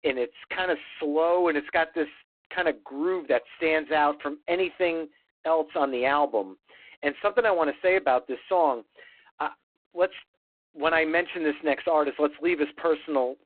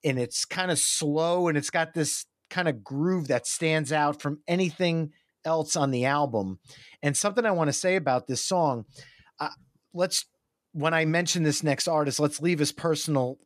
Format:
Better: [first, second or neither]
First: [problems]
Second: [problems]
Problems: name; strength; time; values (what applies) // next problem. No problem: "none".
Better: second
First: phone-call audio; poor line; nothing above 4 kHz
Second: none